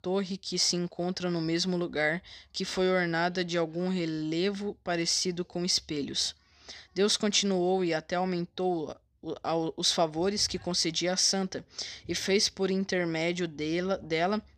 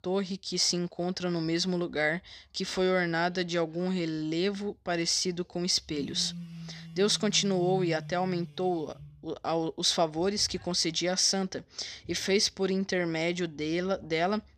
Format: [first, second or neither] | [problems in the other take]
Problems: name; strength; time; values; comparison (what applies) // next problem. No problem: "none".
first | phone ringing; noticeable; from 6 to 9 s; peak 8 dB below the speech